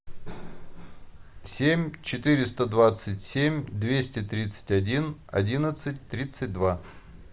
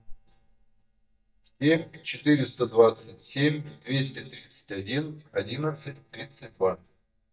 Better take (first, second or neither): first